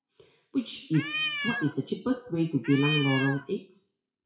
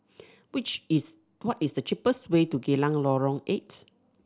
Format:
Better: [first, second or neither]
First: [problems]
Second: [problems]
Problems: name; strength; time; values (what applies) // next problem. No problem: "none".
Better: second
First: noise reduction (classical method WPE with log-MMSE)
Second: none